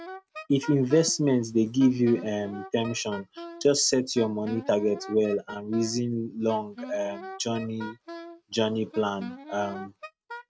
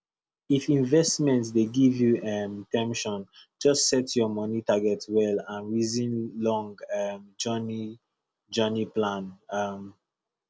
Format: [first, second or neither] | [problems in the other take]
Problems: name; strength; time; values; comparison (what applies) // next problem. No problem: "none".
second | noise reduction (neural mask model RNNoise)